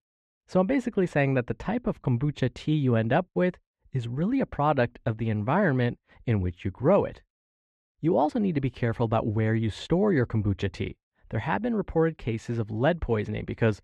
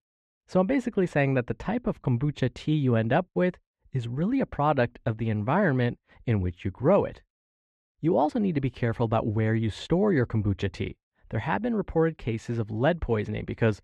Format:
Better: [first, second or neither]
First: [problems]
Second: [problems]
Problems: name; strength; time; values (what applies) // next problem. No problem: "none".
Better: neither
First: muffled; slightly; fading above 3 kHz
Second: muffled; slightly; fading above 3 kHz